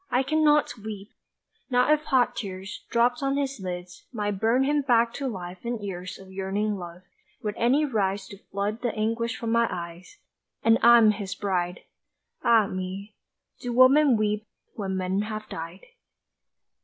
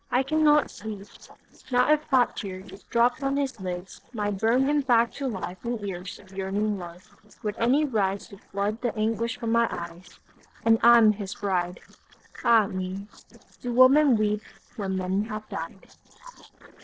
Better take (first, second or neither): first